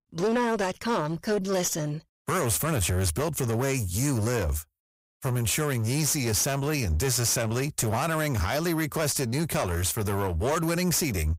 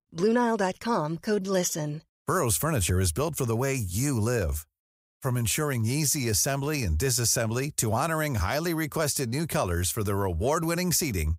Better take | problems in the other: second | distortion; slight; 18% of the sound clipped

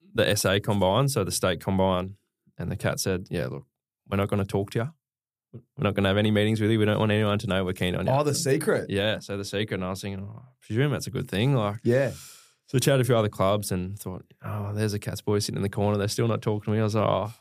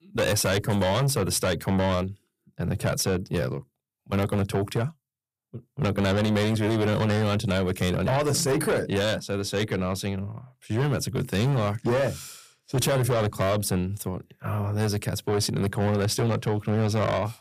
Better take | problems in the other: first | distortion; heavy; 8 dB below the speech

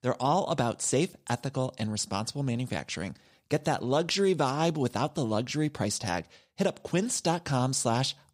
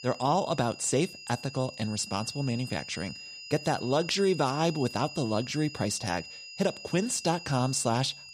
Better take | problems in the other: first | high-pitched whine; noticeable; throughout; 5 kHz, 15 dB below the speech

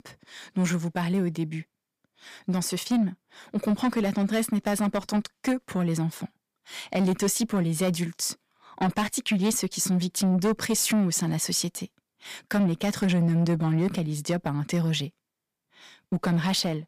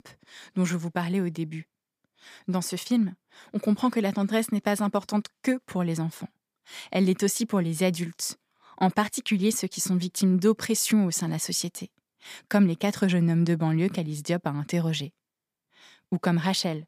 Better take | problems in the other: second | distortion; slight; 10 dB below the speech

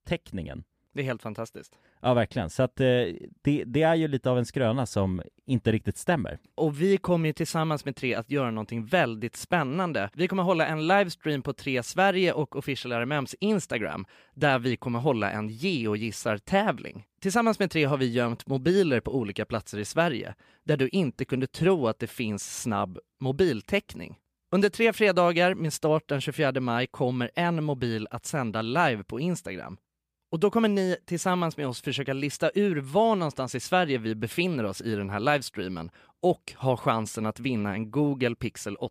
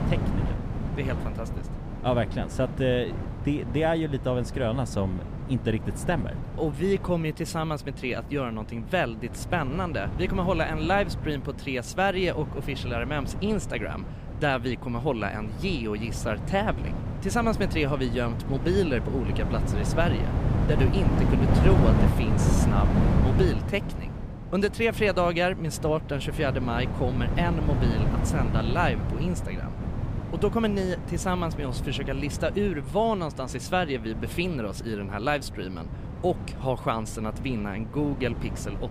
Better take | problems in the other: first | wind noise on the microphone; heavy; 8 dB below the speech

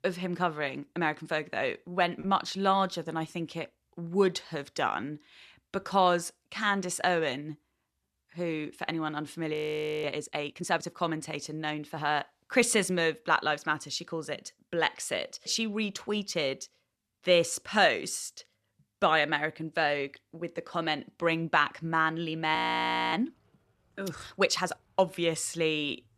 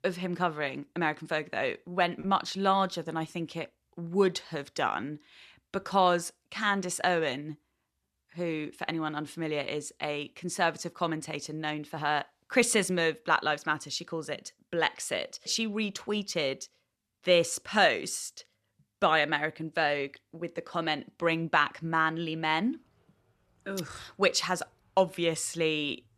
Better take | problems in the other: second | audio freezing; at 9.5 s and at 23 s for 0.5 s

